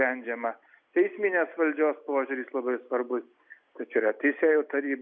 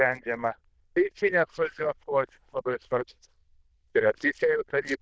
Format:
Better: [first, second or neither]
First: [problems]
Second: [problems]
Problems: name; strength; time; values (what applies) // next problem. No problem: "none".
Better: first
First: none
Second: noise reduction (neural diffusion model UNIVERSE++)